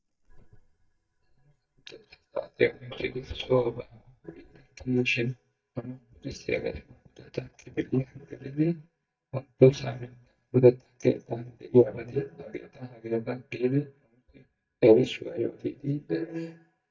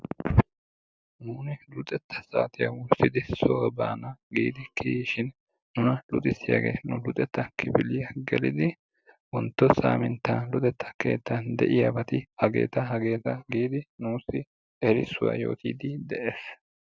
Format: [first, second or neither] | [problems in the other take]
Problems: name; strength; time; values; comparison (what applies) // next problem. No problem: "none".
second | noise reduction (neural mask model DeepFilterNet 3)